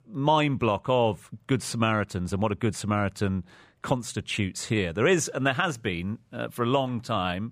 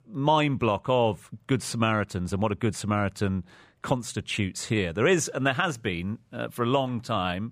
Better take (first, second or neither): neither